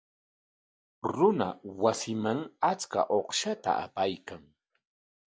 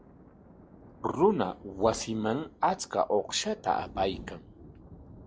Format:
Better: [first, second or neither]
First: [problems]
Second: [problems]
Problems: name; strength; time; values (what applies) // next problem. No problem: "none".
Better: first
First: none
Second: background sound (Thunder); 17 dB below the speech